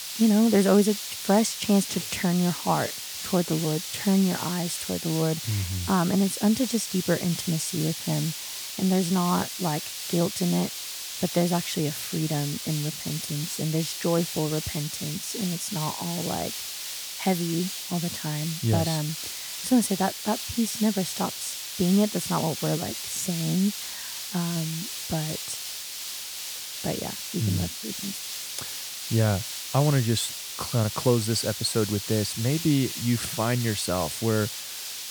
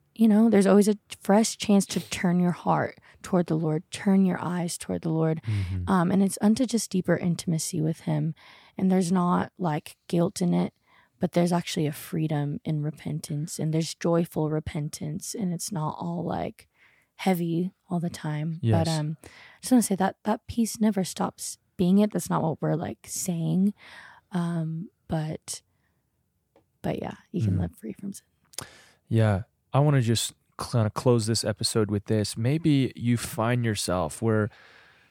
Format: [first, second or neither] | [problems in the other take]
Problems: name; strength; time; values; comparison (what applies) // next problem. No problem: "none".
second | hiss; loud; throughout; 5 dB below the speech